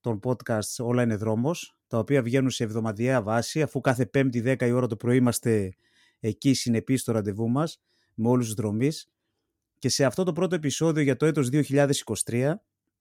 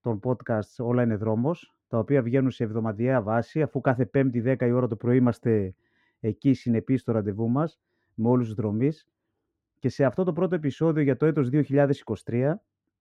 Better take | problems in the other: first | muffled; very; fading above 4 kHz

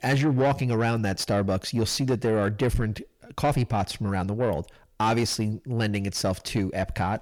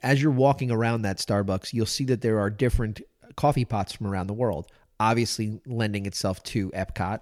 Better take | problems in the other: second | distortion; slight; 9 dB below the speech

